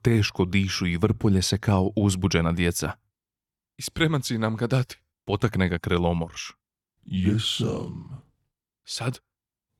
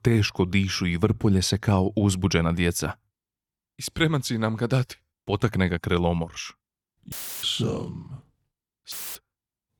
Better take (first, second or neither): first